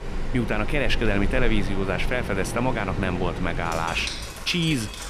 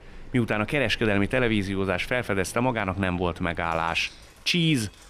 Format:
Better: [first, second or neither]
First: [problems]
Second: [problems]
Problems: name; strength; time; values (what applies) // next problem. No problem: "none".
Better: second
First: rain or running water; loud; throughout; 6 dB below the speech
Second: rain or running water; faint; throughout; 20 dB below the speech